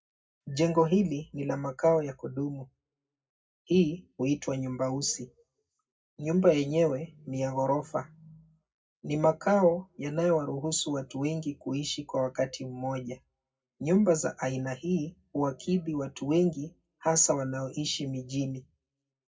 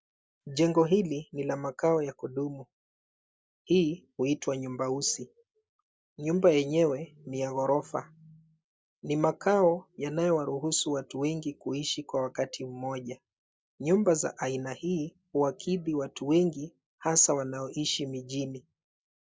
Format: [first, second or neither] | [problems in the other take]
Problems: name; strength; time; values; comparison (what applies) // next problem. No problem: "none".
second | room echo; dies away in 0.3 s